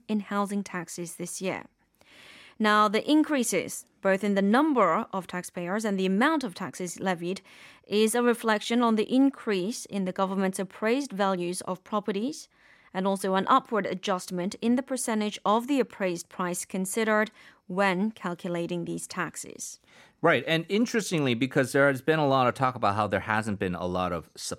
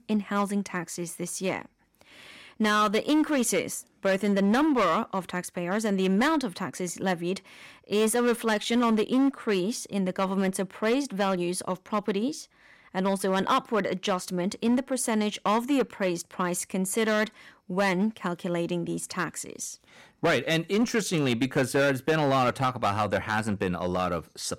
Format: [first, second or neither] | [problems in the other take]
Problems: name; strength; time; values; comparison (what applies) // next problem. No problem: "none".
first | distortion; slight; 6% of the sound clipped